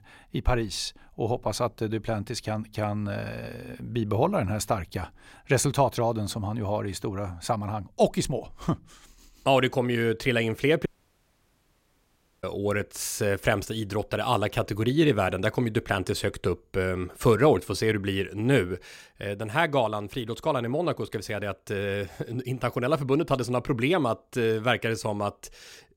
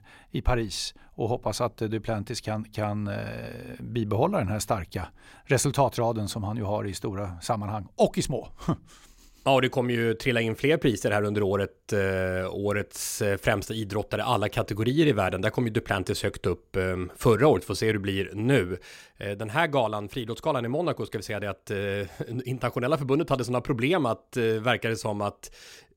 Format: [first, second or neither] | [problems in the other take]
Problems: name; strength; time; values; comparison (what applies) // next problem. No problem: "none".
second | audio cutting out; at 11 s for 1.5 s